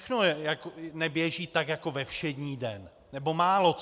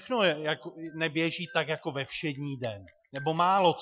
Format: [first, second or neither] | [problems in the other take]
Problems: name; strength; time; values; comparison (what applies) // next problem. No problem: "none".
first | noise reduction (classical method Wiener filter)